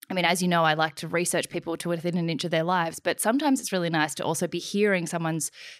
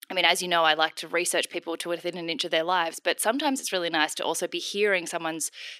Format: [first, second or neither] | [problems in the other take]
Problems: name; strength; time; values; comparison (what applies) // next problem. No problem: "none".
first | thin; somewhat; fading below 300 Hz